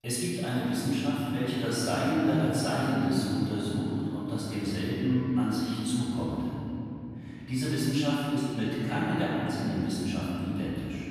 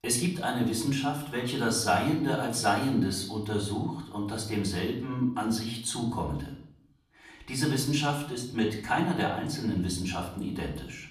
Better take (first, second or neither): second